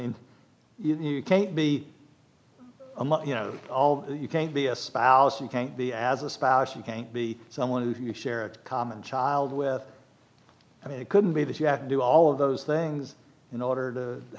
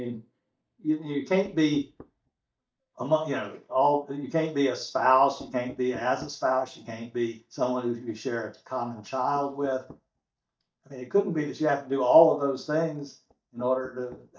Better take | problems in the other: first | noise reduction (neural mask model DeepFilterNet 3)

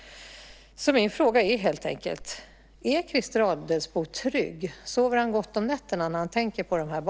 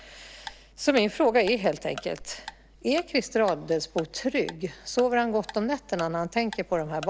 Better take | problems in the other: first | background sound (Tick-tock); 19 dB below the speech

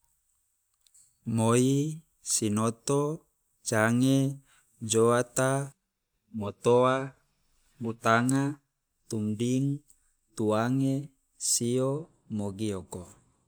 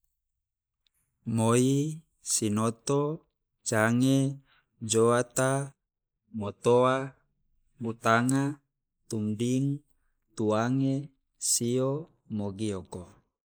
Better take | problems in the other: first | noise reduction (neural mask model Resemble Enhance denoiser)

